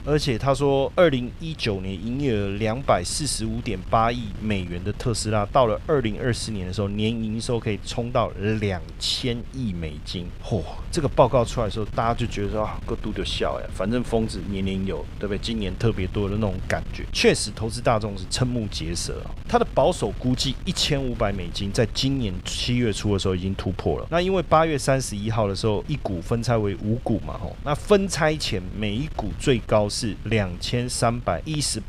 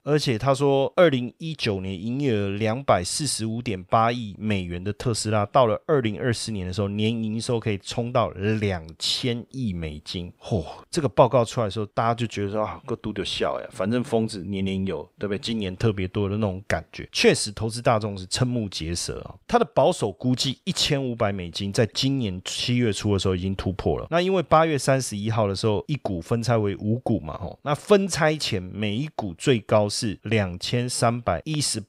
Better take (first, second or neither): second